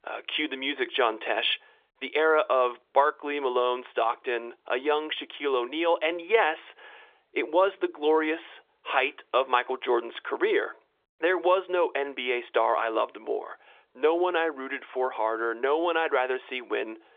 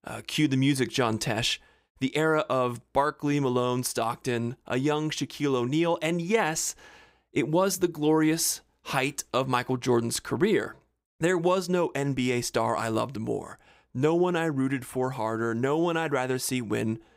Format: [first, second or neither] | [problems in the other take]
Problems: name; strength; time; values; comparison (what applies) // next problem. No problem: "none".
second | phone-call audio; nothing above 3.5 kHz